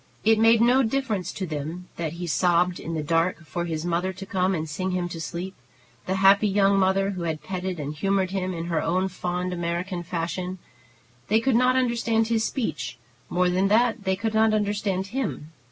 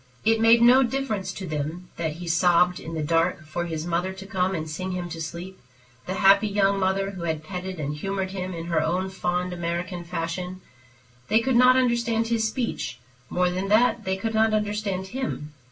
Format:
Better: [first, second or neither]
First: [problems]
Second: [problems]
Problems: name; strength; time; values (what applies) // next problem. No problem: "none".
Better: first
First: none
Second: room echo; dies away in 0.2 s